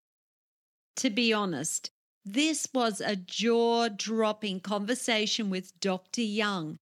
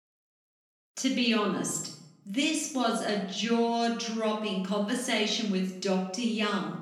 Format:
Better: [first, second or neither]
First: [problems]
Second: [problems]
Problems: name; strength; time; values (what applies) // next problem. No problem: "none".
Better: first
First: none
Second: room echo; noticeable; dies away in 0.8 s // off-mic speech; far